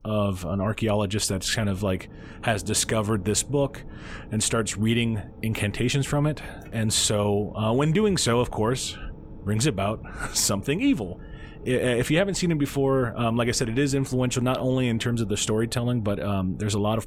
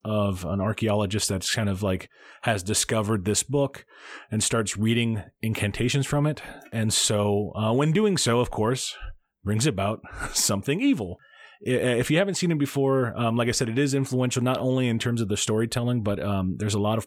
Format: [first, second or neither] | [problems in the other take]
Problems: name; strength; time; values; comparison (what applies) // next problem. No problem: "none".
second | low rumble; faint; throughout; 25 dB below the speech